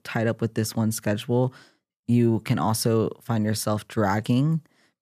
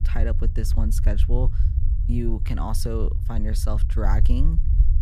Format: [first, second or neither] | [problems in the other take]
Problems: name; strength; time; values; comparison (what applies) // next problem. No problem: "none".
first | low rumble; loud; throughout; 9 dB below the speech